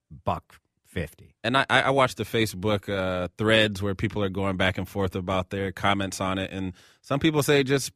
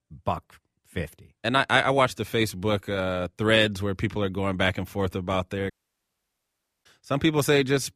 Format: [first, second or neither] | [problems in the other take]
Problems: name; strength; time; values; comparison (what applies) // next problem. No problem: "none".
first | audio cutting out; at 5.5 s for 1 s